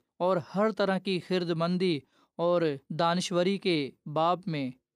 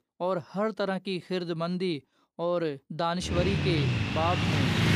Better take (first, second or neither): first